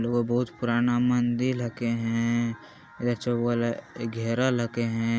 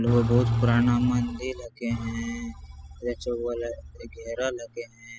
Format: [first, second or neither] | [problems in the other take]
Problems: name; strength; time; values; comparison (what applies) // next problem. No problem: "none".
first | noise reduction (classical method spectral subtraction)